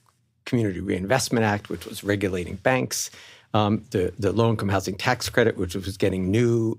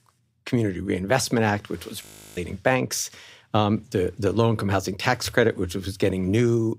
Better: first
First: none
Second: audio freezing; at 2 s

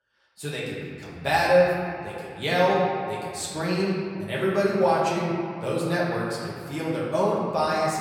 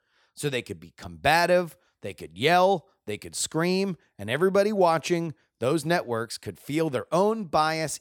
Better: second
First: off-mic speech; far // room echo; noticeable; dies away in 2.4 s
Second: none

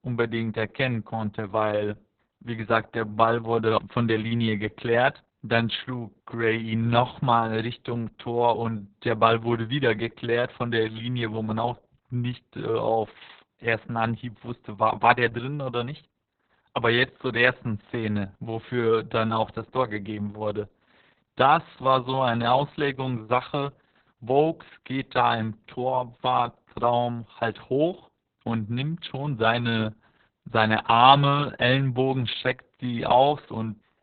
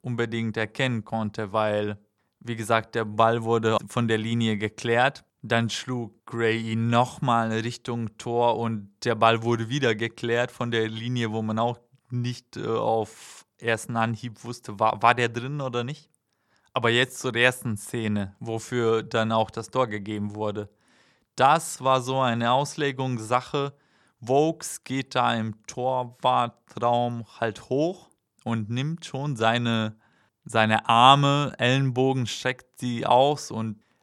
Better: second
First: garbled, watery; badly; nothing above 4 kHz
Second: none

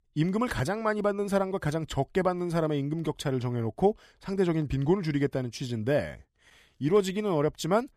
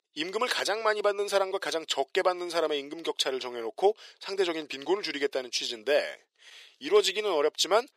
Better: first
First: none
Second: thin; very; fading below 400 Hz

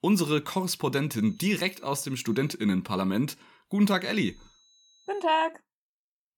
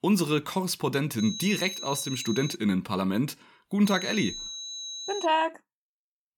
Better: first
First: high-pitched whine; faint; from 1 to 2.5 s and from 4 to 5.5 s; 4 kHz, 30 dB below the speech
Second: high-pitched whine; loud; from 1 to 2.5 s and from 4 to 5.5 s; 4 kHz, 8 dB below the speech

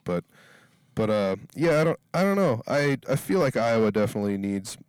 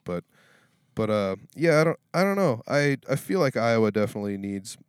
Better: second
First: distortion; slight; 10 dB below the speech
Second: none

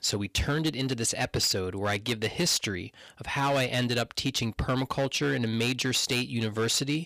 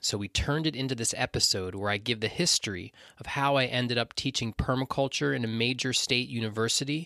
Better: second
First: distortion; slight; 9% of the sound clipped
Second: none

